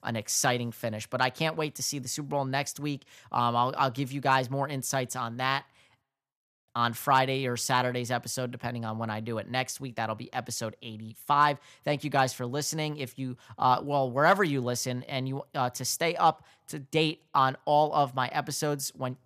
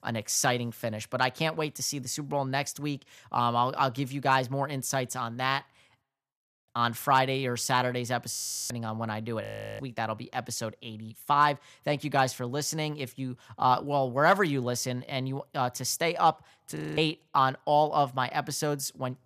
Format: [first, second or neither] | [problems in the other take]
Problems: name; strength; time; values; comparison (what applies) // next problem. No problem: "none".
first | audio freezing; at 8.5 s, at 9.5 s and at 17 s